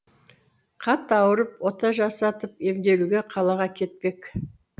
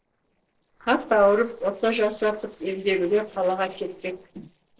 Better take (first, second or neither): first